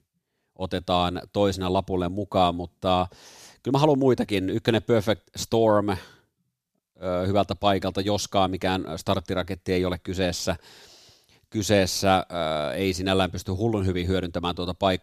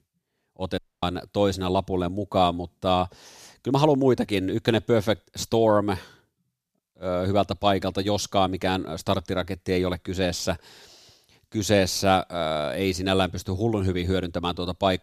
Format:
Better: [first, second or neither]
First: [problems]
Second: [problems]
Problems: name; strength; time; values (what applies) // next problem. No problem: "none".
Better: first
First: none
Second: audio cutting out; at 1 s